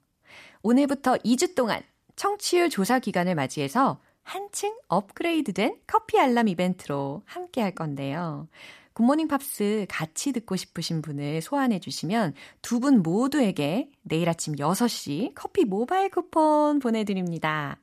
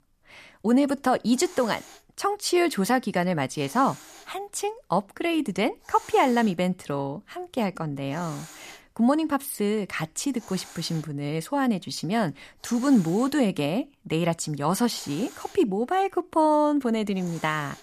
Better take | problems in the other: first | hiss; faint; throughout; 20 dB below the speech

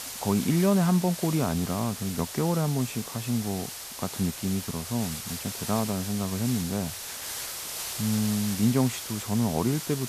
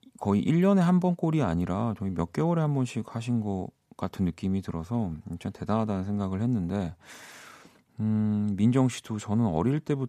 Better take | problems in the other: second | hiss; loud; throughout; 7 dB below the speech

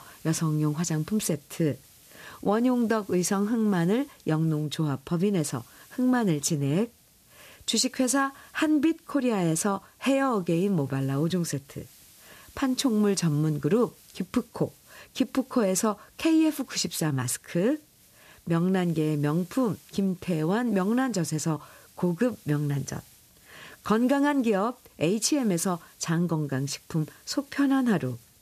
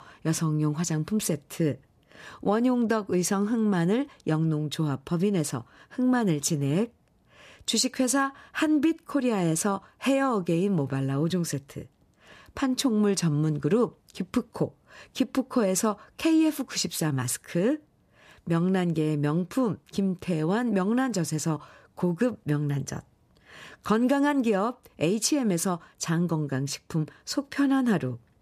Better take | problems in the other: second | hiss; faint; throughout; 25 dB below the speech

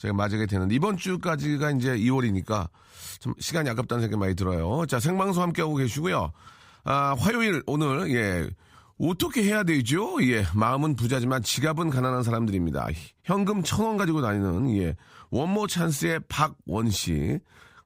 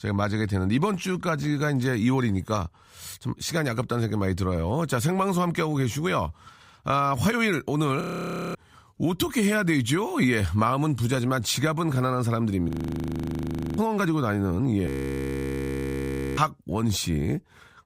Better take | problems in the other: first | audio freezing; at 8 s for 0.5 s, at 13 s for 1 s and at 15 s for 1.5 s

